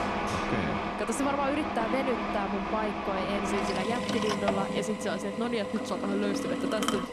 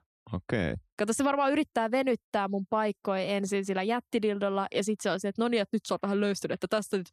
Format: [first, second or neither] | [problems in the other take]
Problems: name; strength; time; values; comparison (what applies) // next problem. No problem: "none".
second | machinery noise; very loud; throughout; as loud as the speech